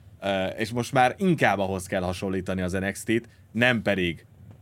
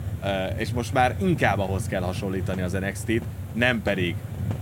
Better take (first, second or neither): first